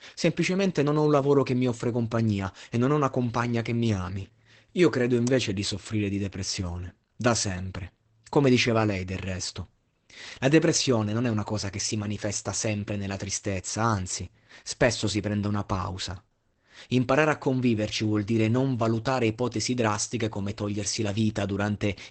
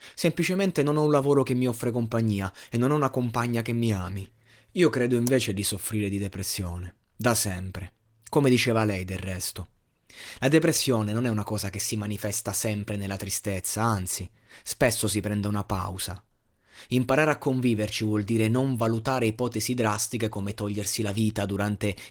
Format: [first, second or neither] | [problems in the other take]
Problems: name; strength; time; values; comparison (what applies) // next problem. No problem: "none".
second | garbled, watery; badly; nothing above 8 kHz; slightly in the second